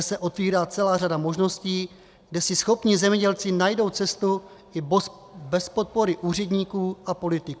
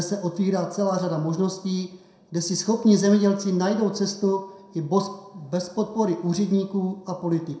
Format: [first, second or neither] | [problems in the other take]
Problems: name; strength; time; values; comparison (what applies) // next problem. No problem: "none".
first | room echo; dies away in 0.5 s